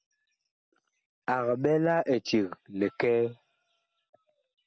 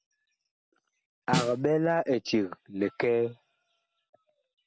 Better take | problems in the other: first | background sound (Snare drum); 3 dB below the speech

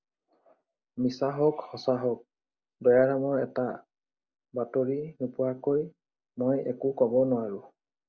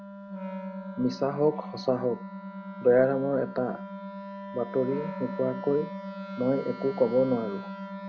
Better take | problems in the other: first | background sound (Wind instrument, woodwind instrument + Wind instrument, woodwind instrument); 9 dB below the speech

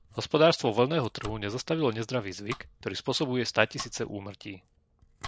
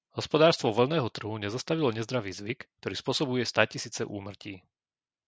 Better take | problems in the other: second | background sound (Domestic sounds, home sounds); 19 dB below the speech

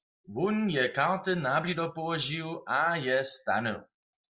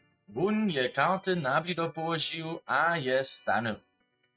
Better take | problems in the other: first | noise reduction (neural mask model RNNoise)

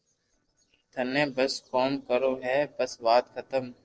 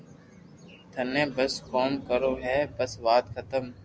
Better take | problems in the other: second | noise reduction (neural separator model SepFormer DNS4)

